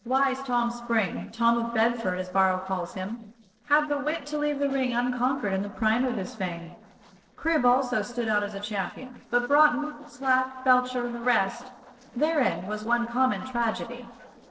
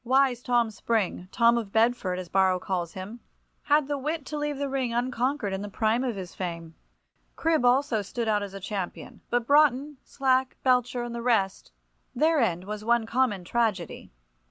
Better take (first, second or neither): second